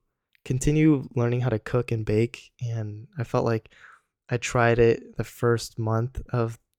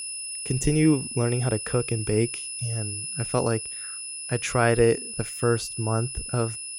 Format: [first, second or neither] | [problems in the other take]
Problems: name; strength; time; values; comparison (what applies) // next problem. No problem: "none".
first | high-pitched whine; loud; throughout; 10 kHz, 6 dB below the speech